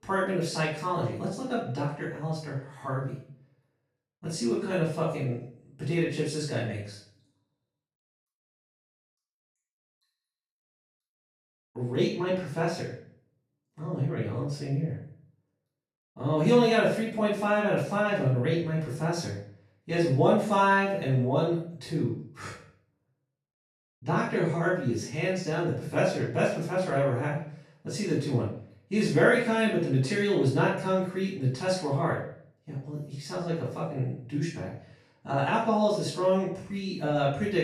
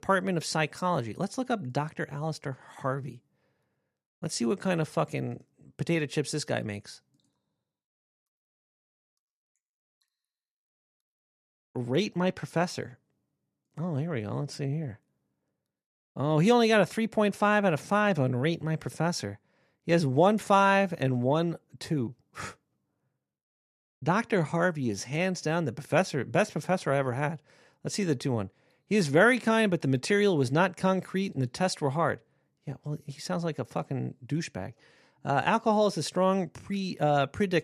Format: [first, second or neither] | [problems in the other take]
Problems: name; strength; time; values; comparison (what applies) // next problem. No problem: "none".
second | off-mic speech; far // room echo; noticeable; dies away in 0.5 s